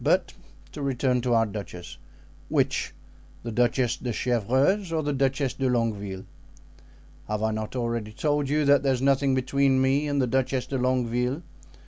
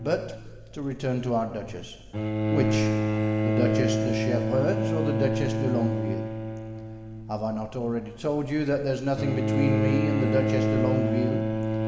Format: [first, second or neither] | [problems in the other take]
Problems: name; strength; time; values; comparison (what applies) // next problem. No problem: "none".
first | background sound (Bowed string instrument); 2 dB above the speech // room echo; dies away in 1.7 s